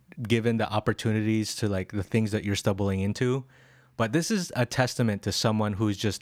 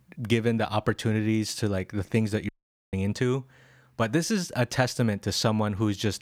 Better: first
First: none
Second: audio cutting out; at 2.5 s

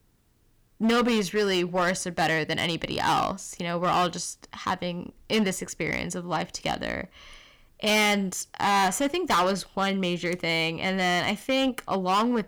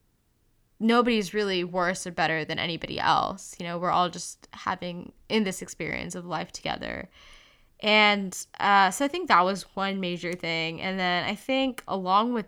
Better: second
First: distortion; heavy; 8% of the sound clipped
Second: none

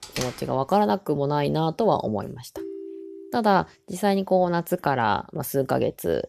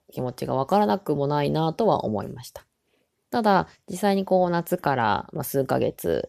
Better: second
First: door banging; noticeable; at the start; peak 9 dB below the speech // phone ringing; faint; at 2.5 s; peak 10 dB below the speech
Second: none

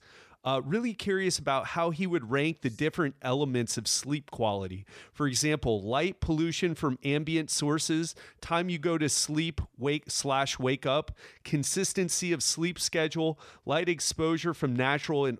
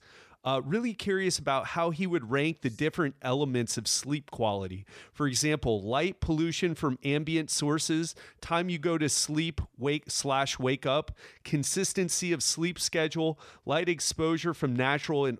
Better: neither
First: none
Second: none

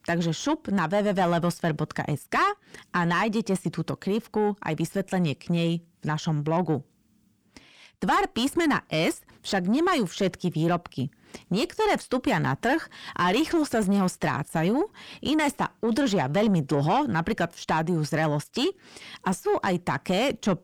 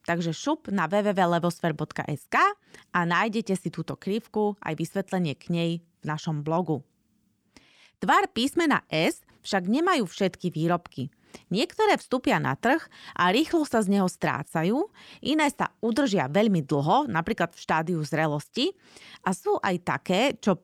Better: second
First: distortion; slight; 10 dB below the speech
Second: none

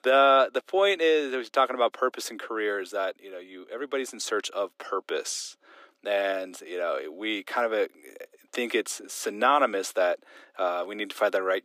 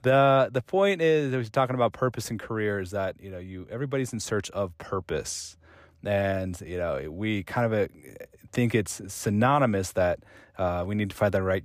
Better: second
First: thin; somewhat; fading below 300 Hz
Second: none

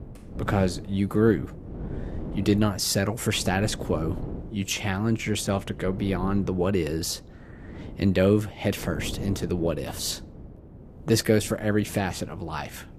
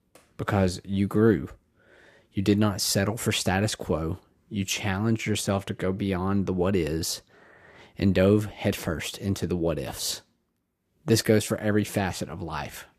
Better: second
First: wind noise on the microphone; occasional gusts; 15 dB below the speech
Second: none

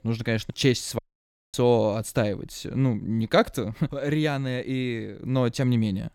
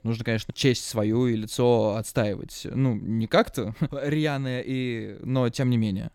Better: second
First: audio cutting out; at 1 s for 0.5 s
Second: none

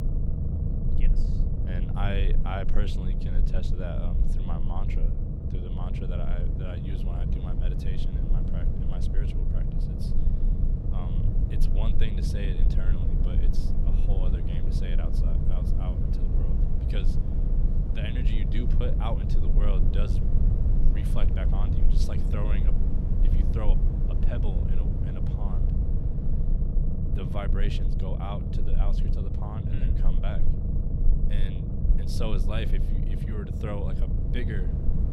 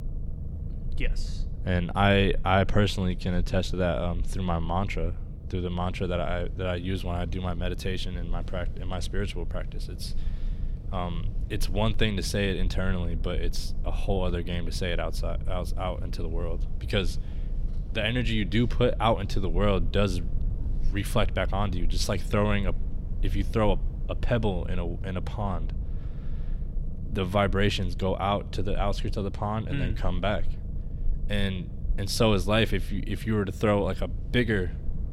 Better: second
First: low rumble; loud; throughout; 1 dB below the speech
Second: low rumble; faint; throughout; 20 dB below the speech

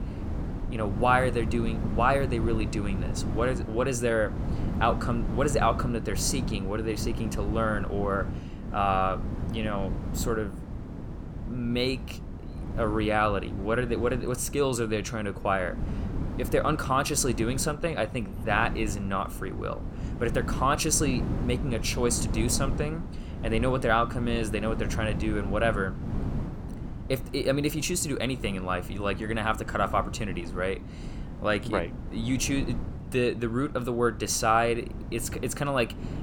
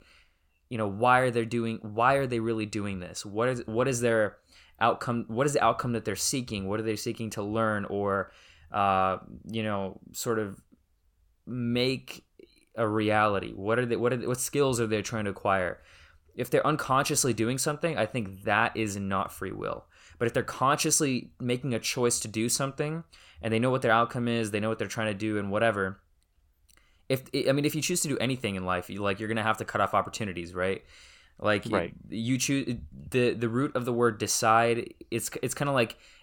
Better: second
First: wind noise on the microphone; occasional gusts; 15 dB below the speech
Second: none

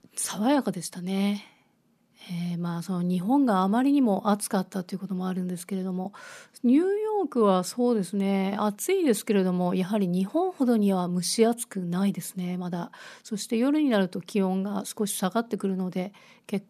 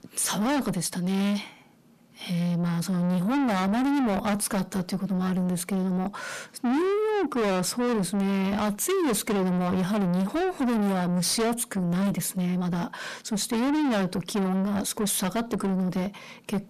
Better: first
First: none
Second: distortion; heavy; 5 dB below the speech

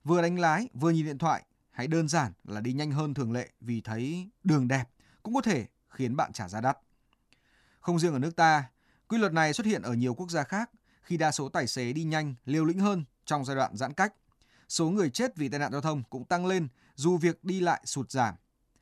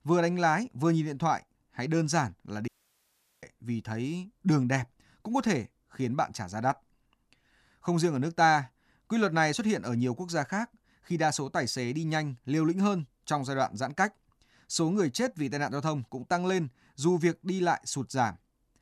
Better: first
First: none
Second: audio cutting out; at 2.5 s for 0.5 s

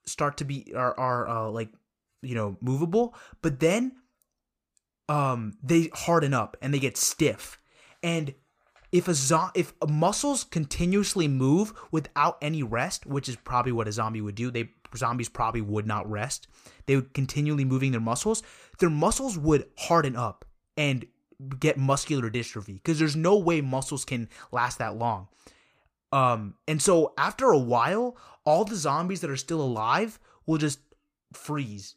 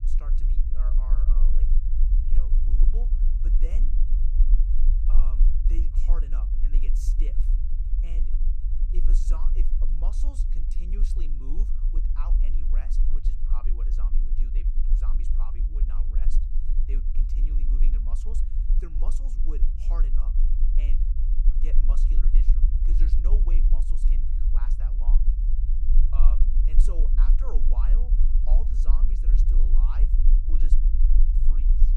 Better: first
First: none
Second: low rumble; loud; throughout; 2 dB below the speech

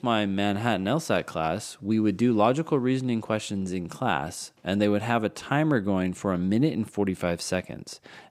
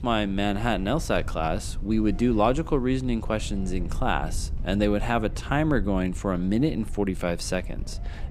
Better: first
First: none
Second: low rumble; faint; throughout; 20 dB below the speech

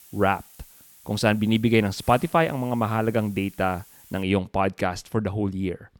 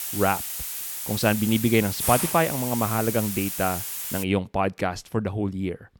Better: first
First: hiss; faint; until 4 s; 25 dB below the speech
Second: hiss; loud; until 4 s; 3 dB below the speech

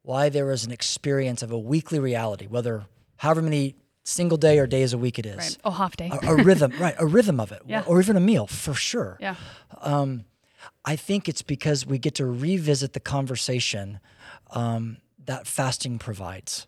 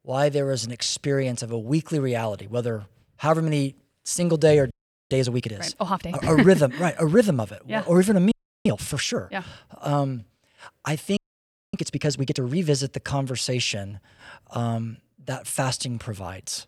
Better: first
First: none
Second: audio freezing; at 4.5 s, at 8.5 s and at 11 s for 0.5 s

